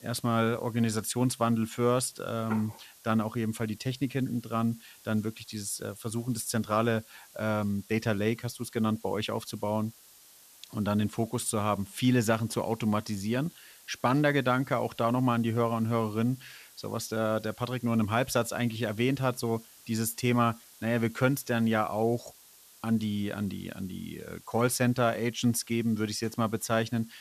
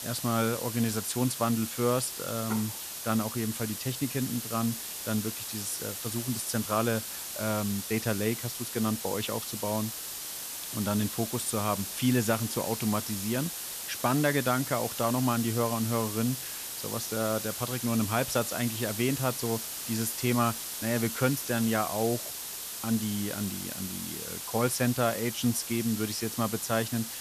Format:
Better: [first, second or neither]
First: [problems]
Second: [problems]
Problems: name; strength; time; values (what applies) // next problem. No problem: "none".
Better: first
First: hiss; faint; throughout; 25 dB below the speech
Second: hiss; loud; throughout; 4 dB below the speech